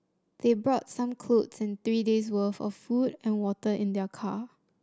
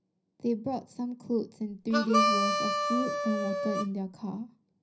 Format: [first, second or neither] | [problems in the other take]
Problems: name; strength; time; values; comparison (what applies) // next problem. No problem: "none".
first | background sound (Harmonica); 3 dB above the speech // room echo; dies away in 0.4 s